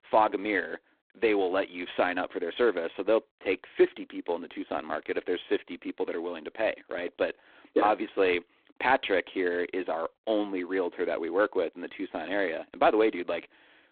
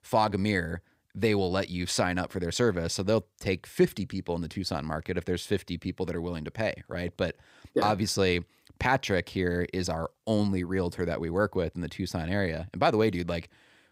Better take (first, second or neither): second